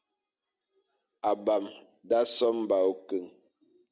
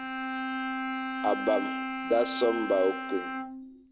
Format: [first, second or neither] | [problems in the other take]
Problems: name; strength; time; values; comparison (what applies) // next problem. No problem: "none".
first | background sound (Bowed string instrument); 3 dB below the speech